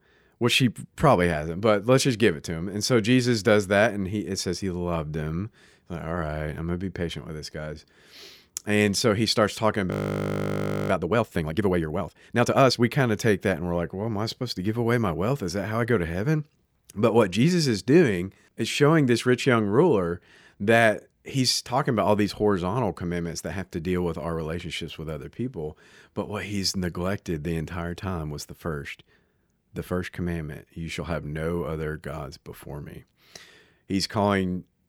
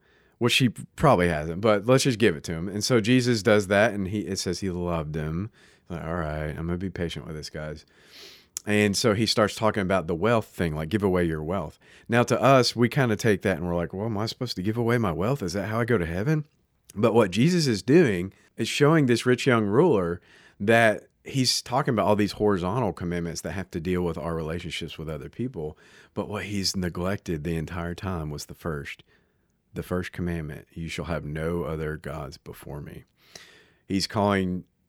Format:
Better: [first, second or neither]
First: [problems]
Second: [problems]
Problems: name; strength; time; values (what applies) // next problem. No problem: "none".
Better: second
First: audio freezing; at 10 s for 1 s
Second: none